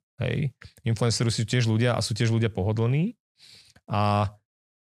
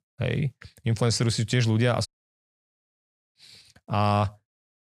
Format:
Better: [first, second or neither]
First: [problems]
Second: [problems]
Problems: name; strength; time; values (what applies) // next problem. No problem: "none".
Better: first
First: none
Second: audio cutting out; at 2 s for 1.5 s